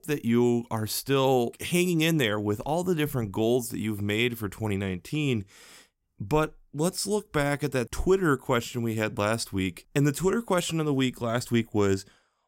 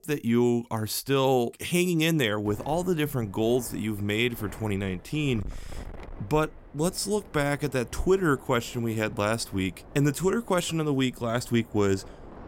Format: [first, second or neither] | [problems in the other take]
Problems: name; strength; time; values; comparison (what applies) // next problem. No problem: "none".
first | wind noise on the microphone; occasional gusts; from 2.5 s on; 20 dB below the speech